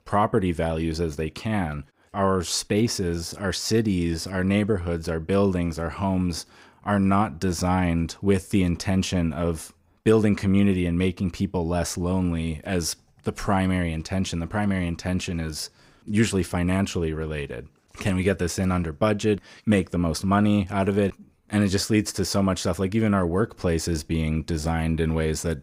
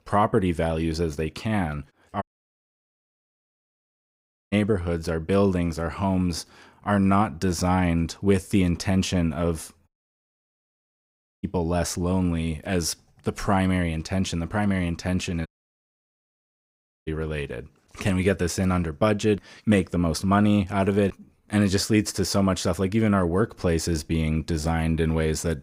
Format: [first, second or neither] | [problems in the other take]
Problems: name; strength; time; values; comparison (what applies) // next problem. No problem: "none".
first | audio cutting out; at 2 s for 2.5 s, at 10 s for 1.5 s and at 15 s for 1.5 s